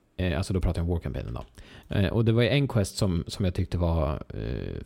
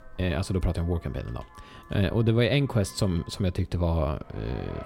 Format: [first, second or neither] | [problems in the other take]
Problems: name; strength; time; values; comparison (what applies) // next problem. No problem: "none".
first | traffic noise; faint; throughout; 25 dB below the speech